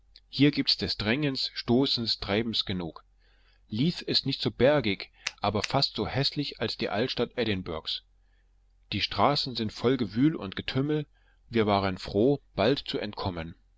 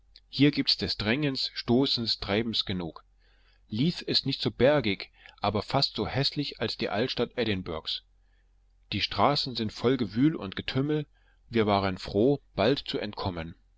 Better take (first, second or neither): second